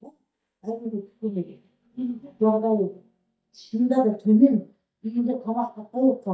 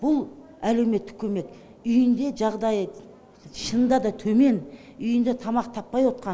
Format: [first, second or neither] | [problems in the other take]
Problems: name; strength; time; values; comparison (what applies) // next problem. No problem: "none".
second | noise reduction (neural mask model DeepFilterNet 3)